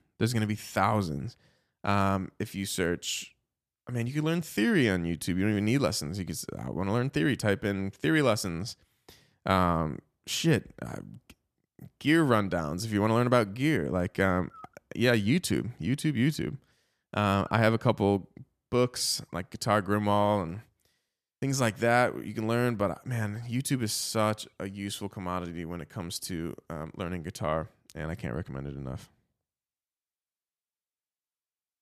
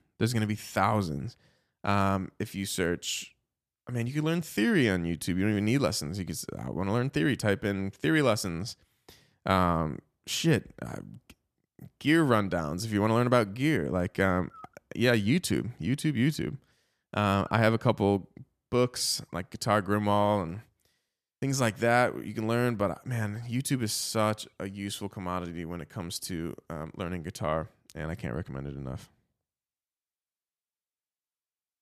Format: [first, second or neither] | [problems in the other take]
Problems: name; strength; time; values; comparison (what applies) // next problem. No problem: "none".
neither | none